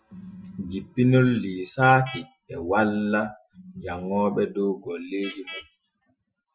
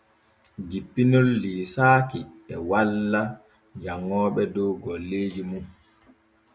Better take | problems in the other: second | noise reduction (classical method Wiener filter)

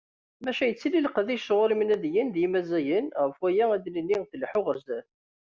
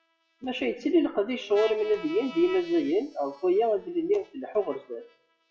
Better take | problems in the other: first | noise reduction (classical method WPE with log-MMSE)

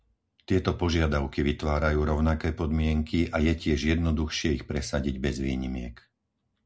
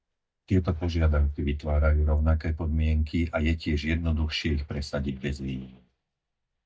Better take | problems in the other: first | noise reduction (neural mask model DeepFilterNet 3)

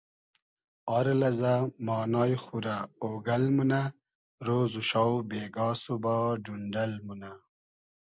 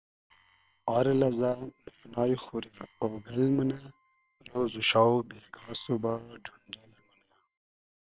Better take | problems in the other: first | noise reduction (neural separator model SepFormer WHAM!)

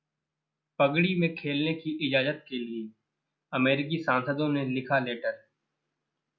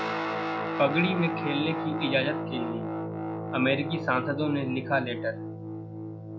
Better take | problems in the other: first | background sound (Guitar); 3 dB below the speech

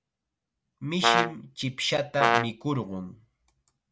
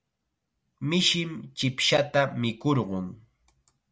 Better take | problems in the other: second | background sound (Brass instrument); 4 dB above the speech

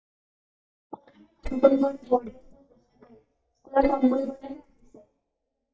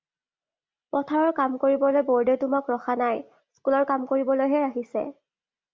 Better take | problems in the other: second | noise reduction (neural mask model DeepFilterNet 3)

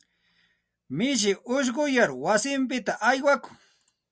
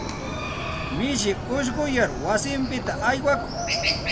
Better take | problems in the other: first | background sound (Chicken, rooster); 2 dB below the speech

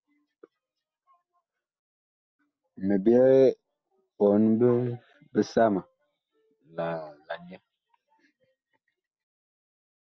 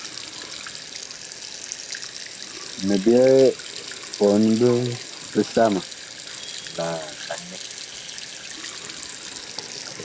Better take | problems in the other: first | background sound (Sink (filling or washing)); 11 dB below the speech

